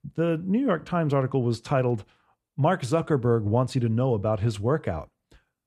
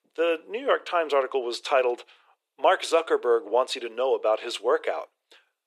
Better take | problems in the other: first | thin; very; fading below 400 Hz

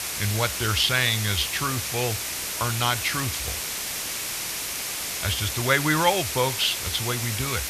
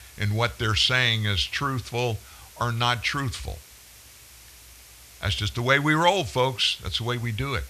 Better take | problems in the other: second | hiss; loud; throughout; 3 dB below the speech; faint in the second

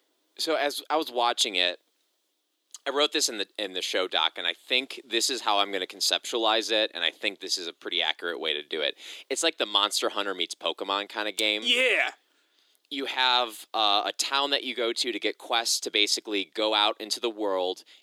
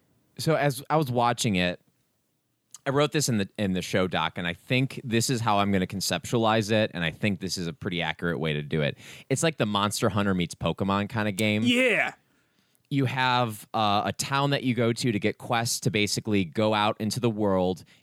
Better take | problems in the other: second | thin; very; fading below 300 Hz

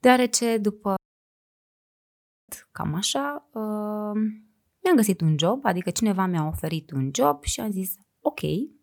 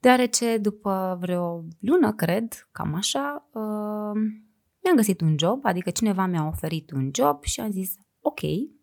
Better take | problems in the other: second | audio cutting out; at 1 s for 1.5 s

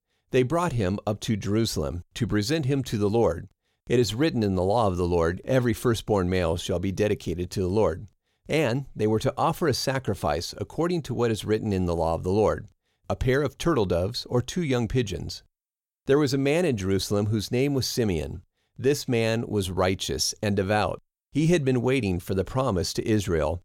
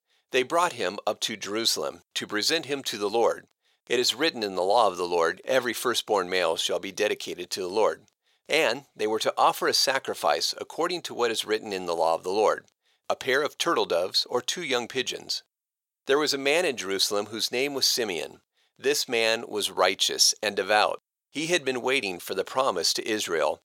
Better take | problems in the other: first | thin; very; fading below 600 Hz

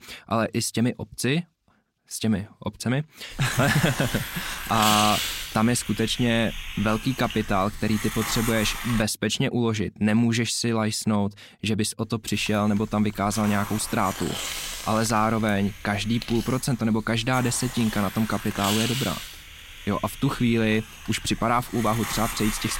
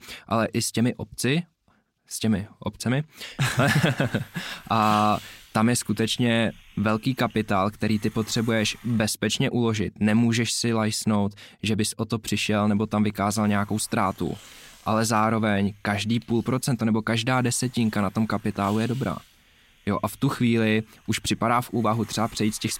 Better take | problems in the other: second | hiss; loud; from 3.5 to 9 s and from 12 s on; 7 dB below the speech; faint in the second

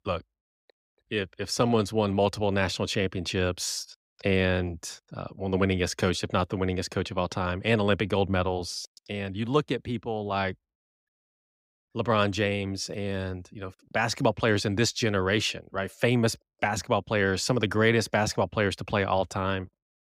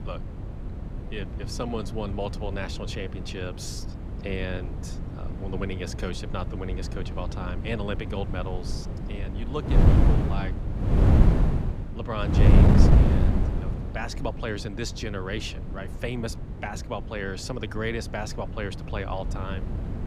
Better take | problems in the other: first | wind noise on the microphone; heavy; 2 dB below the speech

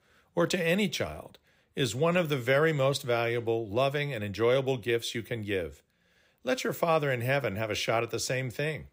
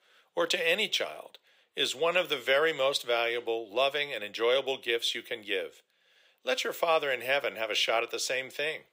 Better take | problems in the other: first | thin; very; fading below 500 Hz

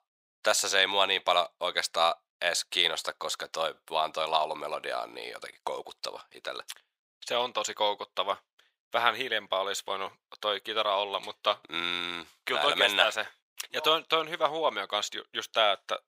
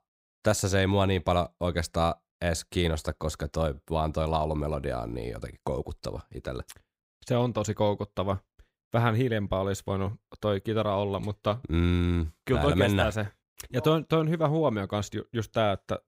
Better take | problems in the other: second | thin; very; fading below 800 Hz

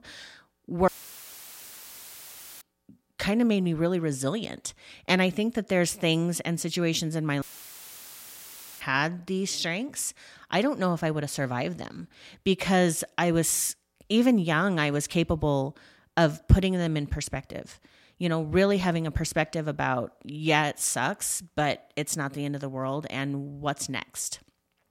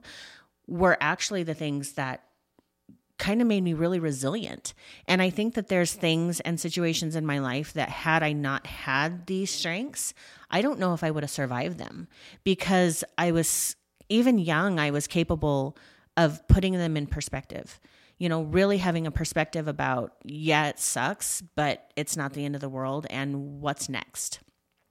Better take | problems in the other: second | audio cutting out; filled with static; at 1 s for 1.5 s and at 7.5 s for 1.5 s

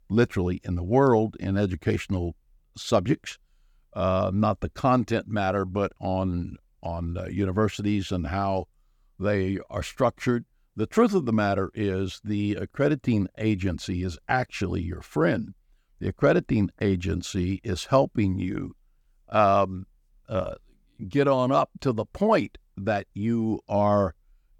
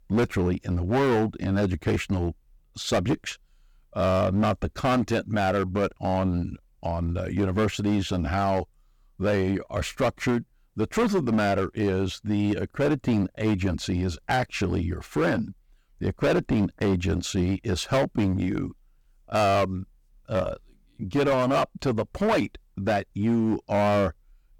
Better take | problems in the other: first | distortion; heavy; 12% of the sound clipped

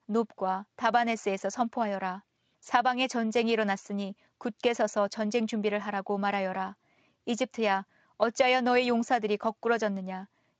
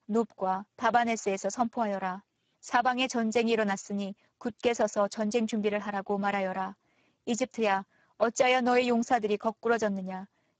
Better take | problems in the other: first | garbled, watery; badly; nothing above 7.5 kHz; slightly in the first

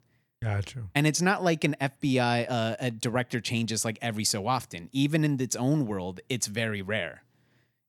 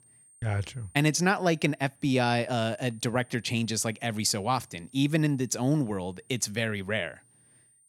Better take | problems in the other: first | high-pitched whine; faint; throughout; 9 kHz, 30 dB below the speech

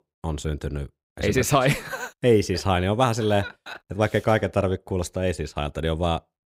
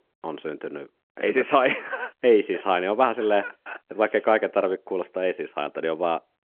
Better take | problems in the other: first | phone-call audio; nothing above 3.5 kHz

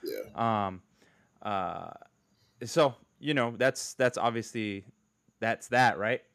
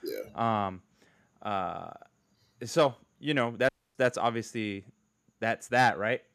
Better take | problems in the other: first | audio cutting out; at 3.5 s

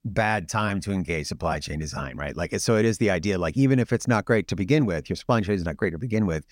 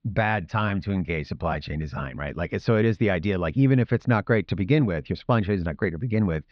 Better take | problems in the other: first | muffled; slightly; fading above 4 kHz

